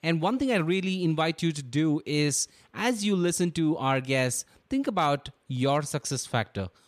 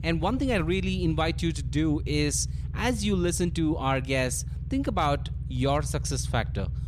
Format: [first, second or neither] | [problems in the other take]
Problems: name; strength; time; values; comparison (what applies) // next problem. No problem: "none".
first | low rumble; noticeable; throughout; 20 dB below the speech